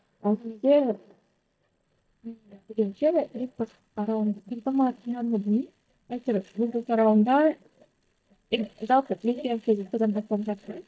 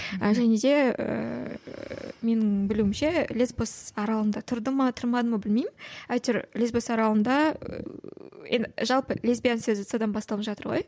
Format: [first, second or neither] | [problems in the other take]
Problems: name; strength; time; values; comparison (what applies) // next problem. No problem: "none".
second | noise reduction (neural mask model DeepFilterNet 3)